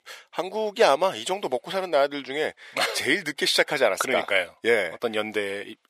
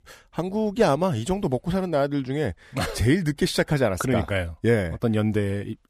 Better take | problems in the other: second | thin; very; fading below 550 Hz

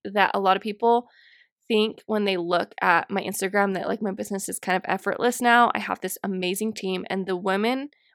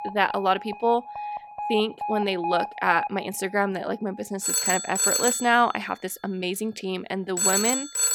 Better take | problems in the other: first | alarms or sirens; very loud; throughout; as loud as the speech

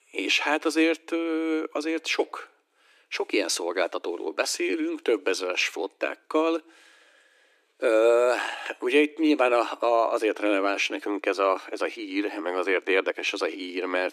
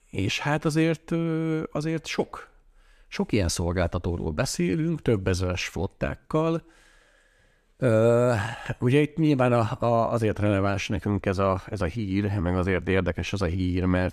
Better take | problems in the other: second | thin; somewhat; fading below 300 Hz

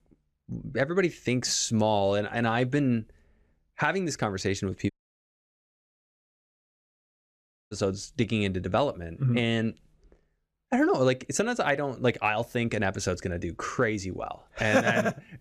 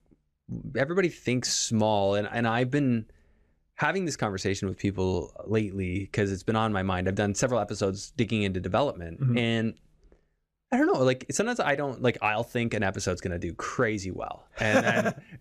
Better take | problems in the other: second | audio cutting out; at 5 s for 3 s

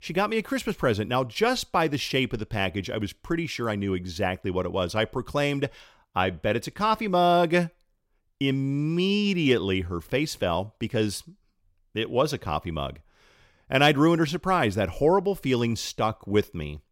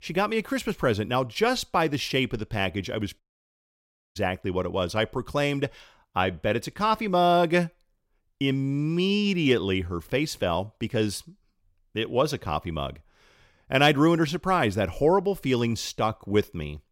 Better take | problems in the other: first | audio cutting out; at 3 s for 1 s

